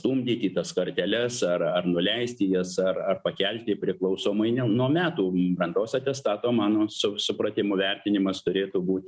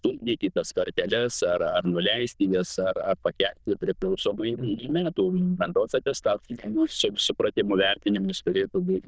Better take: first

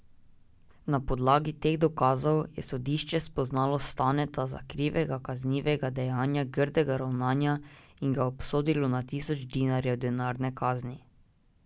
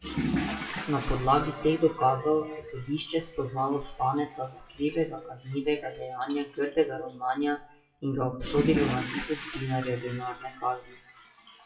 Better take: first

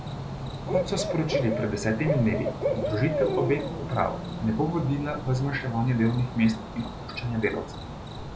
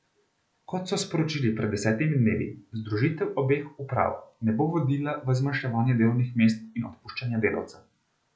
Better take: second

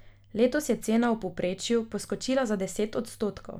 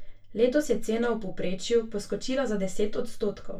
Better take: first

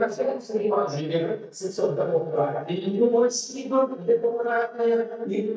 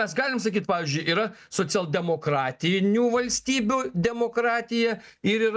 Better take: second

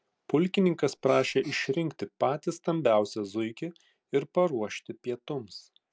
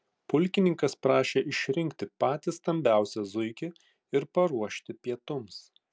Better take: second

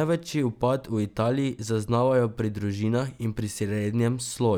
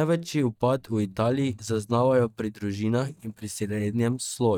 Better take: first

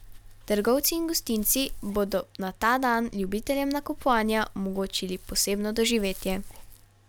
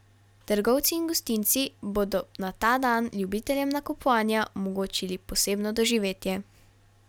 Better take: second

